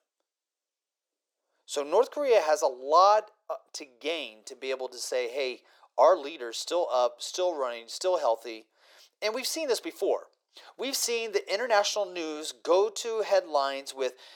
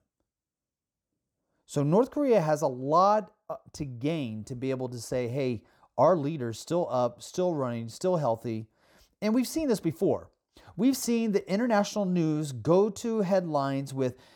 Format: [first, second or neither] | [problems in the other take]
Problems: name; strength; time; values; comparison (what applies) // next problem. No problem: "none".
second | thin; very; fading below 400 Hz